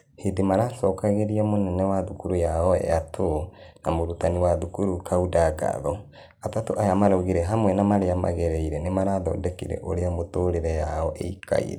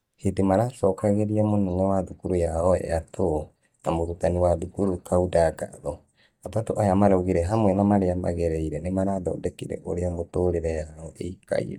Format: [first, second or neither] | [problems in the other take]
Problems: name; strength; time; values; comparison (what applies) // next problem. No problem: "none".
first | noise reduction (neural mask model DeepFilterNet 3)